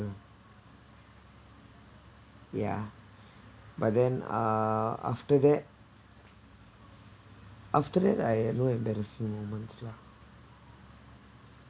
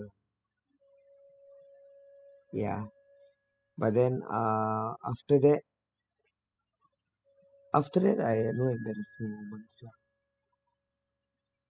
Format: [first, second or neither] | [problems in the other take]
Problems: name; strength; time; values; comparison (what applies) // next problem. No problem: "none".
first | noise reduction (classical method spectral subtraction)